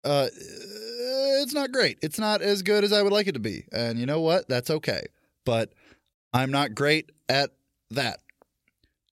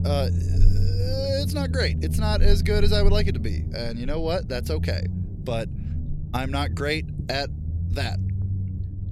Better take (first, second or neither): first